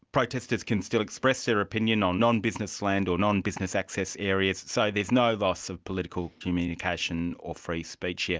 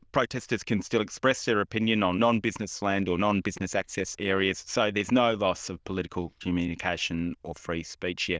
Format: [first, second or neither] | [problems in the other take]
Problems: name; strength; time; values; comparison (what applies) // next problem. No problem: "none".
first | noise reduction (neural diffusion model UNIVERSE++)